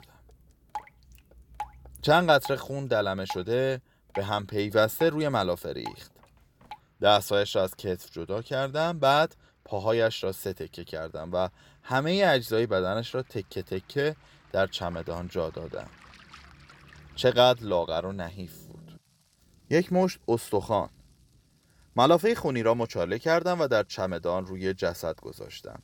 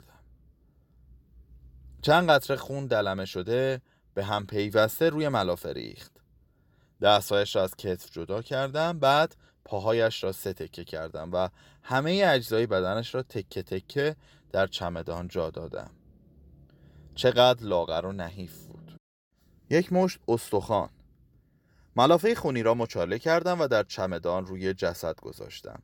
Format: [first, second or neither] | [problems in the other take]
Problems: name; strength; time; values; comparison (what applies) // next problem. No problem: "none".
second | rain or running water; noticeable; throughout; 20 dB below the speech